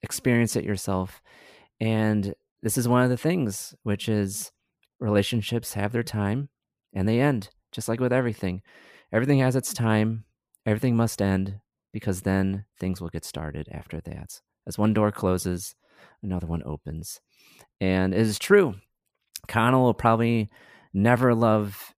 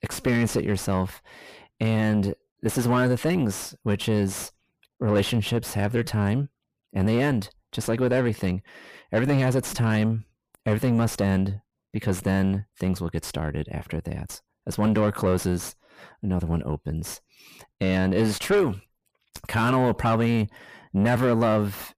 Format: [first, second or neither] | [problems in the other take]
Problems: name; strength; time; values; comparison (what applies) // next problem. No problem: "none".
first | distortion; heavy; 7 dB below the speech